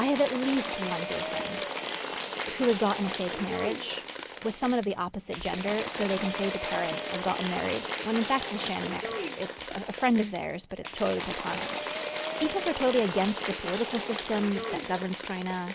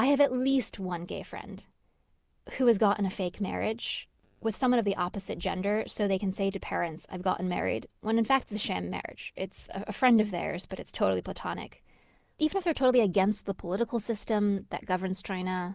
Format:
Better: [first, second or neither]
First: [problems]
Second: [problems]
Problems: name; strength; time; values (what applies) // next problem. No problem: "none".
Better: second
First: background sound (Applause / Crowd / Cheering); 5 dB below the speech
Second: none